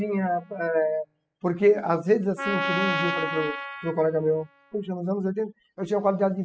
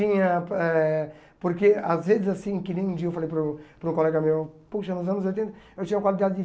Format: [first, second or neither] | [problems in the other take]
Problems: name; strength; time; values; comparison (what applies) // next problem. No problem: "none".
second | noise reduction (classical method spectral subtraction)